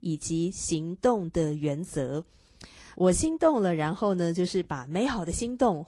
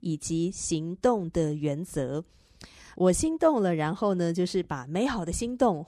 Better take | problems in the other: second | garbled, watery; slightly

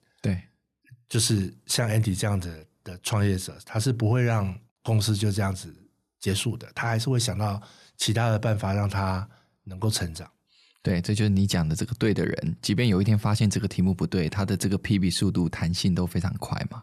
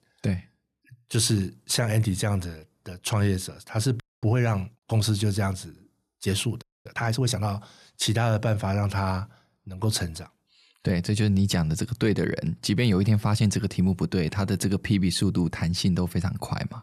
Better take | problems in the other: first | audio freezing; at 4 s and at 6.5 s

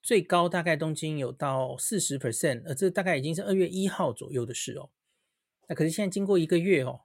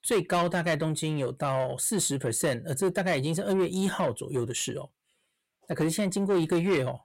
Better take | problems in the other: first | distortion; slight; 10 dB below the speech

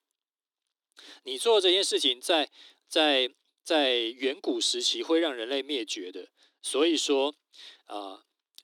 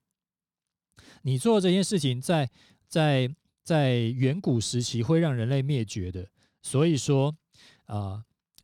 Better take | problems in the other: second | thin; somewhat; fading below 300 Hz

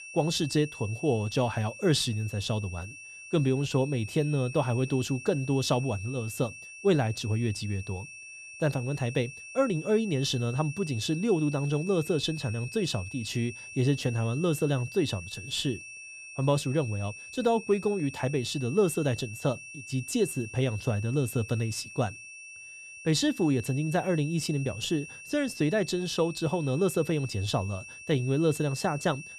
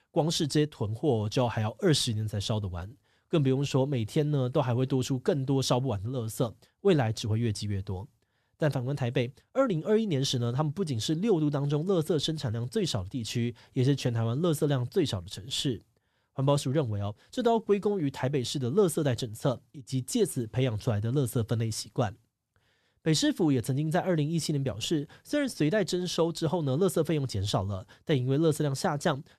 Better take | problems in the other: second | high-pitched whine; noticeable; throughout; 2.5 kHz, 15 dB below the speech

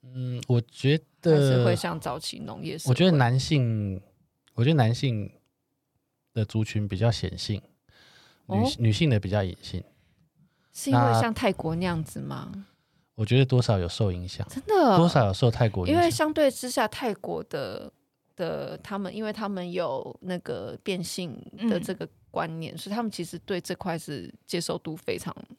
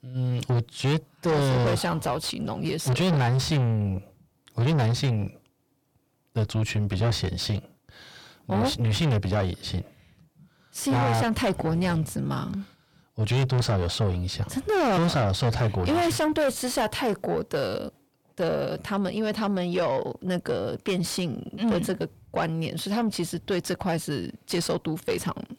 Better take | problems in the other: first | distortion; heavy; 6 dB below the speech

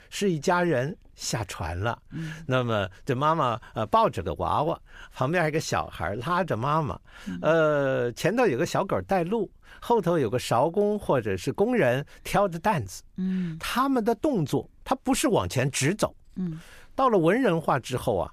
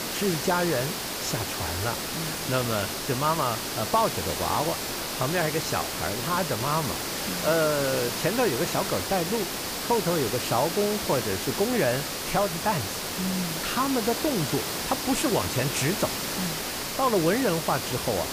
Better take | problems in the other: first | hiss; loud; throughout; 2 dB below the speech

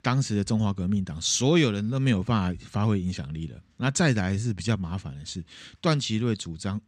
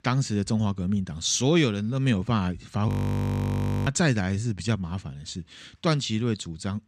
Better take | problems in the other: first | audio freezing; at 3 s for 1 s

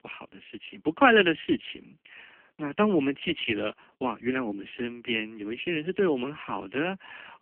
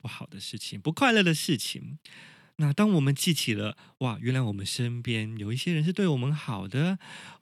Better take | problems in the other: second | phone-call audio; poor line; nothing above 3 kHz

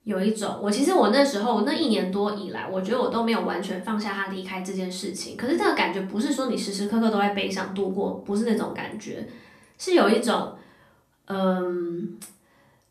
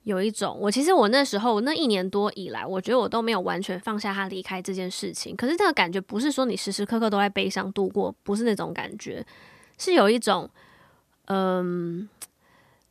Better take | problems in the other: second | room echo; slight; dies away in 0.4 s // off-mic speech; far

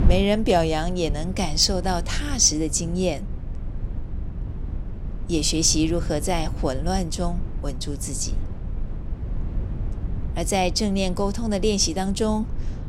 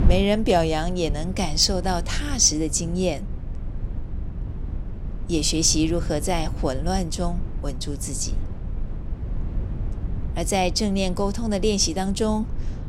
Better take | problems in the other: neither | wind noise on the microphone; occasional gusts; 20 dB below the speech; the same in both

